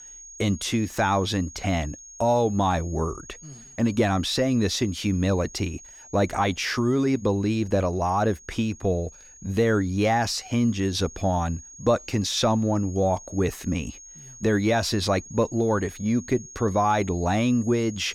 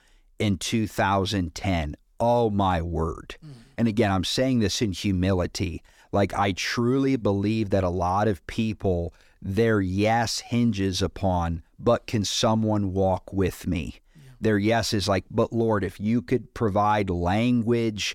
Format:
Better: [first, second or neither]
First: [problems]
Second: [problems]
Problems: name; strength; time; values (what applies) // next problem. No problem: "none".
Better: second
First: high-pitched whine; noticeable; throughout; 6.5 kHz, 20 dB below the speech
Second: none